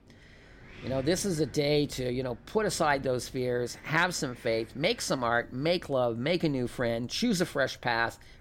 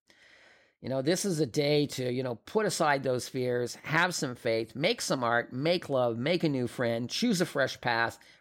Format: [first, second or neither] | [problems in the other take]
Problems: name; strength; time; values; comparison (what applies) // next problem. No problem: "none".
second | wind in the background; faint; throughout; 20 dB below the speech